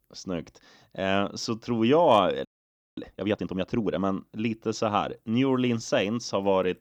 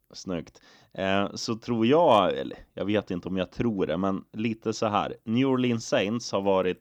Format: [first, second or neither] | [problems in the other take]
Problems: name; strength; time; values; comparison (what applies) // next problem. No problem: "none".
second | audio freezing; at 2.5 s for 0.5 s